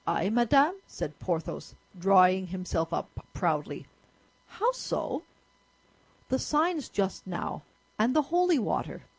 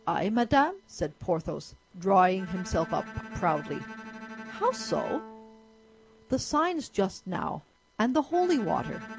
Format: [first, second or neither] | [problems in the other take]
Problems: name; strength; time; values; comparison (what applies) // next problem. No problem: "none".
first | background sound (Bowed string instrument); 16 dB below the speech